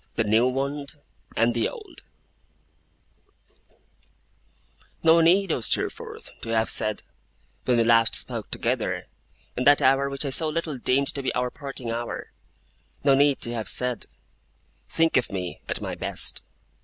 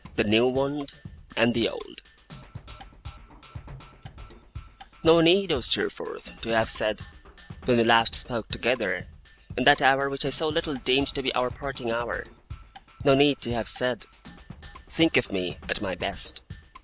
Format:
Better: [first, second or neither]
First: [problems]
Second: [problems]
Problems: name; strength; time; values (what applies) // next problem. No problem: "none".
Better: first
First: none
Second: background sound (Percussion); 17 dB below the speech